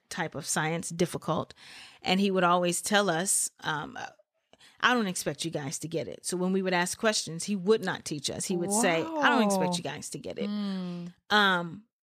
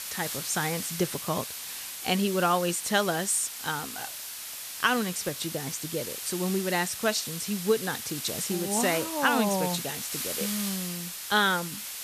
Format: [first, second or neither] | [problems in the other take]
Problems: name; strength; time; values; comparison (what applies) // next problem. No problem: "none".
first | hiss; loud; throughout; 6 dB below the speech